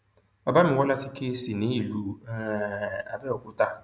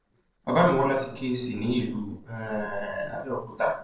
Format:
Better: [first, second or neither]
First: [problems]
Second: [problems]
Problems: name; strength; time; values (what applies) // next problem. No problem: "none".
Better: first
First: none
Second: noise reduction (neural separator model SepFormer DNS4)